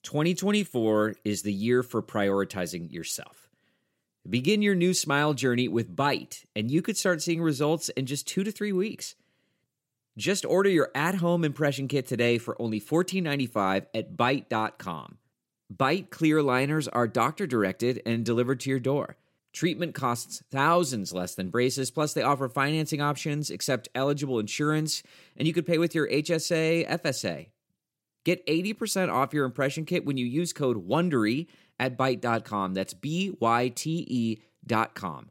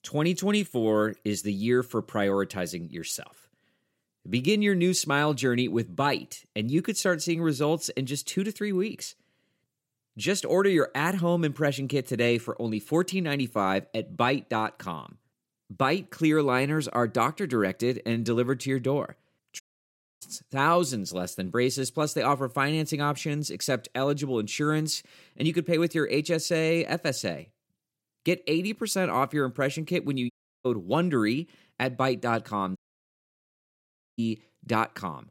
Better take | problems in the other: first | audio cutting out; at 20 s for 0.5 s, at 30 s and at 33 s for 1.5 s

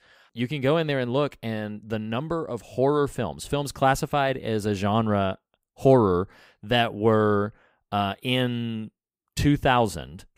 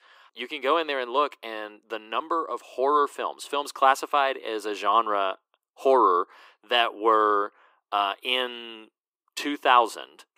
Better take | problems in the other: first | thin; very; fading below 300 Hz

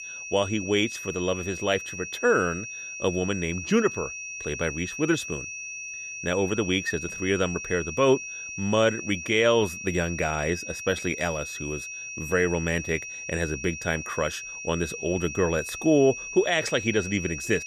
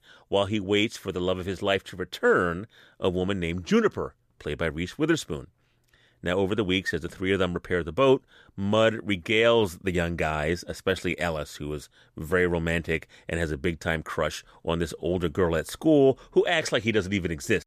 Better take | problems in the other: second | high-pitched whine; loud; throughout; 2.5 kHz, 8 dB below the speech

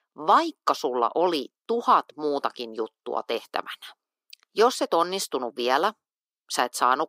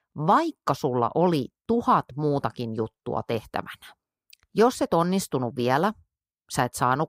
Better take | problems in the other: second | thin; somewhat; fading below 300 Hz

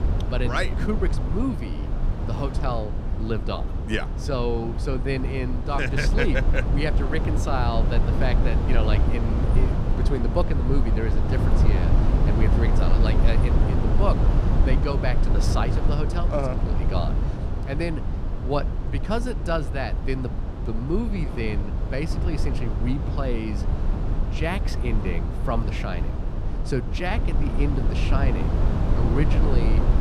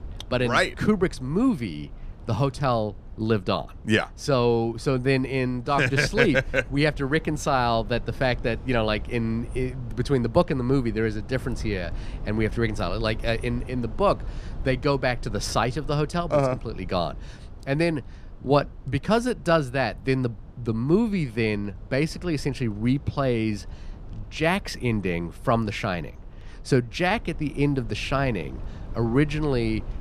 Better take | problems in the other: second | low rumble; loud; throughout; 4 dB below the speech; faint in the second

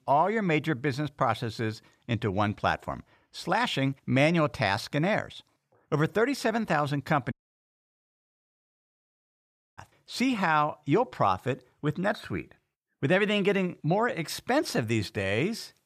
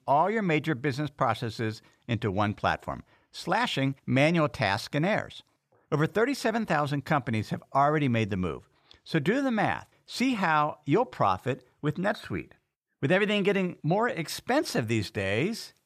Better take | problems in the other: second | audio cutting out; at 7.5 s for 2.5 s

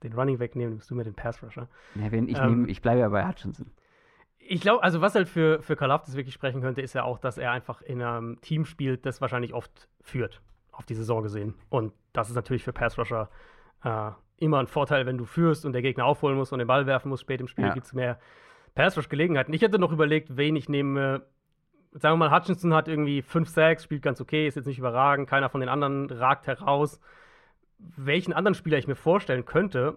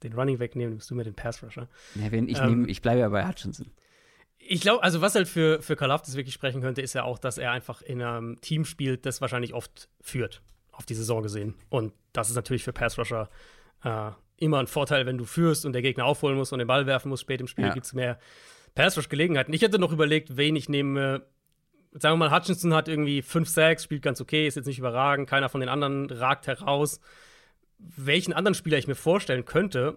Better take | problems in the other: second | muffled; slightly; fading above 3.5 kHz

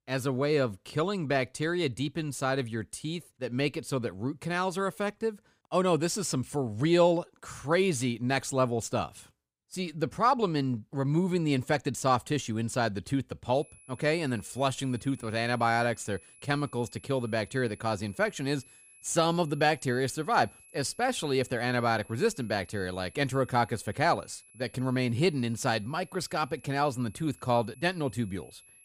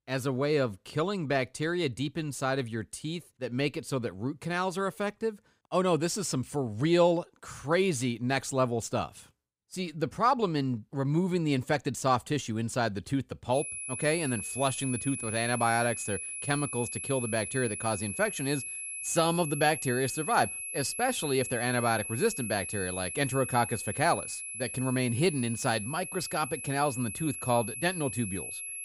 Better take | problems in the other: first | high-pitched whine; loud; from 14 s on; 11 kHz, 6 dB below the speech; faint in the first

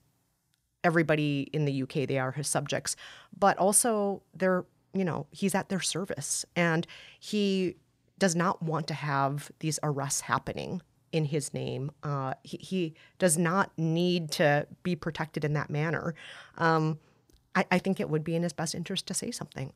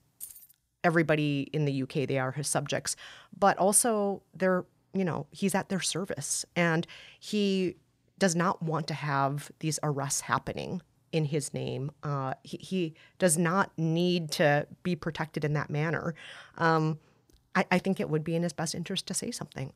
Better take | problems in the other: first | jangling keys; faint; at the start; peak 15 dB below the speech

